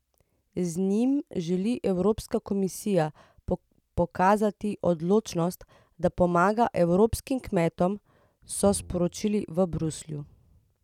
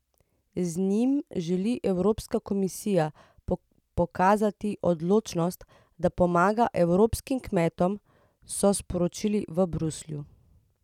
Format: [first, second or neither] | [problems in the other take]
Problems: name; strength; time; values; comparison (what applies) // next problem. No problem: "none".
second | background sound (Bowed string instrument); 20 dB below the speech